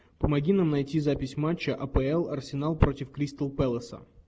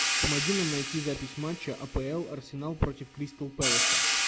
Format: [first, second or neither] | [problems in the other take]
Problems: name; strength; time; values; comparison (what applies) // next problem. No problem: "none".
first | background sound (Hi-hat); 2 dB above the speech